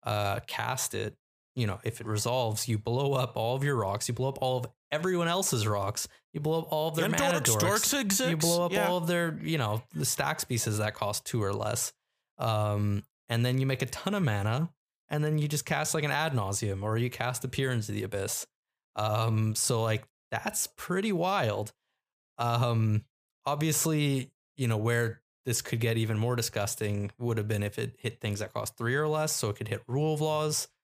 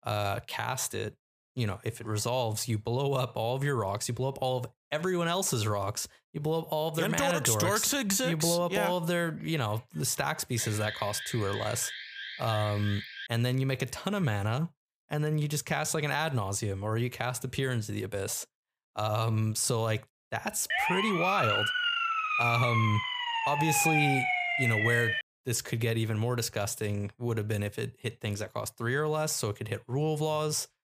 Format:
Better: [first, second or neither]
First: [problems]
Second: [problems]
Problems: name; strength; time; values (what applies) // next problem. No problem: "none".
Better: first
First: none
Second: alarm; noticeable; from 11 to 13 s; peak 8 dB below the speech // siren; loud; from 21 to 25 s; peak 4 dB above the speech